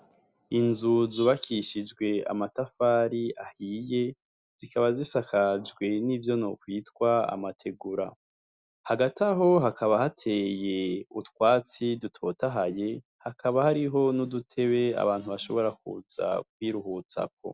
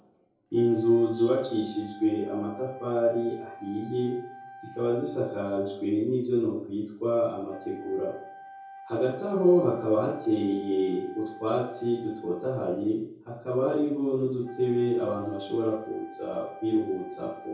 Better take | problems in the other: first | background sound (Wind instrument, woodwind instrument); 18 dB below the speech // room echo; dies away in 0.6 s

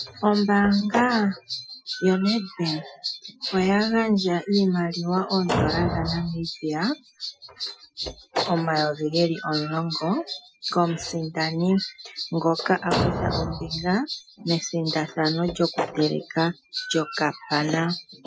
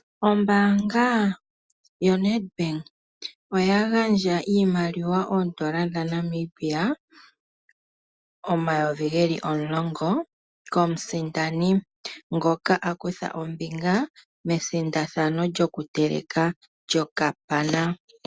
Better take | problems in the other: second | noise reduction (classical method Wiener filter)

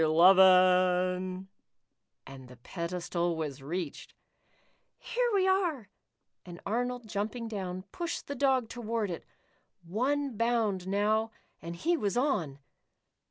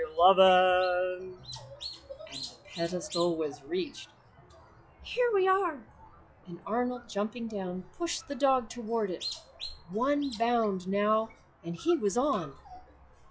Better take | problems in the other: first | noise reduction (classical method log-MMSE)

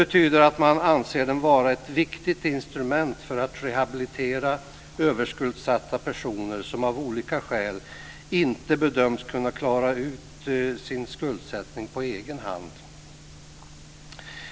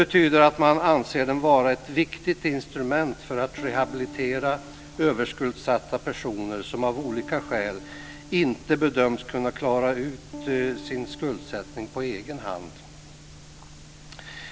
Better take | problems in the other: first | background sound (Piano); 19 dB below the speech

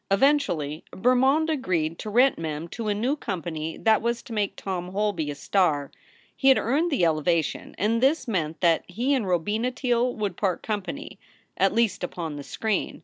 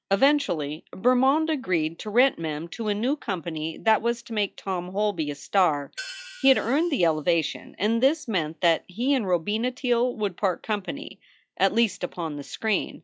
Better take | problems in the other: first | noise reduction (classical method log-MMSE)

